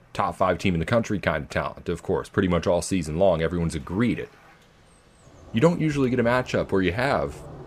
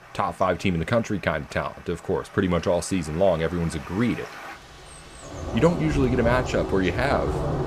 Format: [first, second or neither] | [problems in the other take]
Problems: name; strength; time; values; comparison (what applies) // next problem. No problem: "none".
first | rain or running water; loud; throughout; 8 dB below the speech; faint in the first